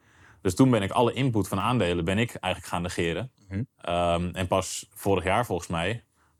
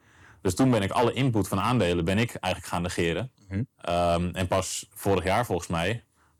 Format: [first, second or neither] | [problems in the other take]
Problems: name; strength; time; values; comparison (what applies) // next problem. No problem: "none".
first | distortion; slight; 3% of the sound clipped